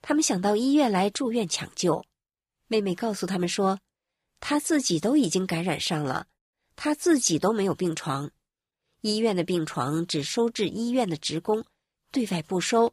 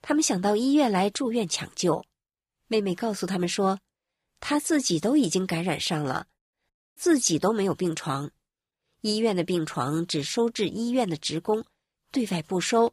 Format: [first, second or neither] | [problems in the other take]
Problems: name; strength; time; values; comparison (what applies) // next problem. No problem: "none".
first | audio cutting out; at 6.5 s